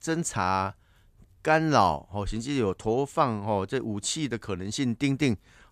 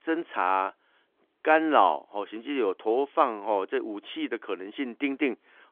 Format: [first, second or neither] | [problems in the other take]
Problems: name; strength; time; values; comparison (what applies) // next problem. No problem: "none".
first | phone-call audio; nothing above 3.5 kHz